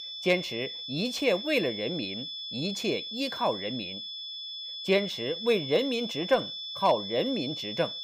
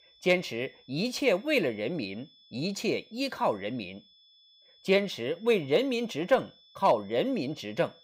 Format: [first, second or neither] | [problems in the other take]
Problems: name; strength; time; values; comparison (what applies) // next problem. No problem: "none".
second | high-pitched whine; loud; throughout; 3.5 kHz, 6 dB below the speech; faint in the second